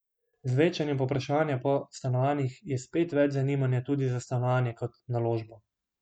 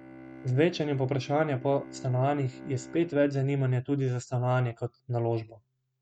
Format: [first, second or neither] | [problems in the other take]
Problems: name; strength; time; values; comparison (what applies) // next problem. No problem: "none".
first | noise reduction (neural mask model RNNoise)